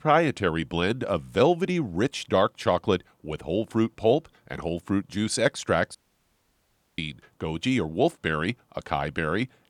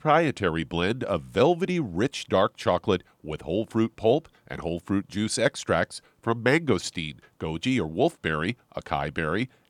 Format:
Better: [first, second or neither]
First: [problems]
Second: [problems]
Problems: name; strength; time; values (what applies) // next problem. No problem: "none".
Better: second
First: audio cutting out; at 6 s for 1 s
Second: none